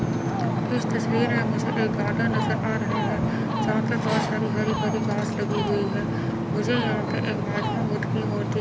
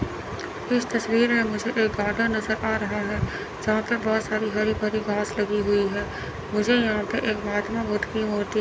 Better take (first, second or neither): second